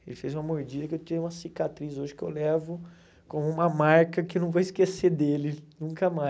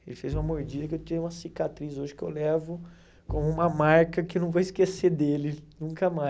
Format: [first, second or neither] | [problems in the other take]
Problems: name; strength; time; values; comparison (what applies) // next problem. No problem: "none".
first | background sound (Bowed string instrument); 13 dB below the speech